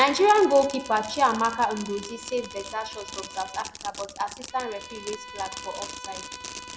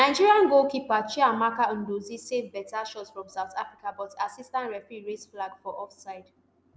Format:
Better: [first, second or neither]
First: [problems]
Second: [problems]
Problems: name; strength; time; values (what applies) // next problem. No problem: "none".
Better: second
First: background sound (Fireworks + Bowed string instrument); 13 dB below the speech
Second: none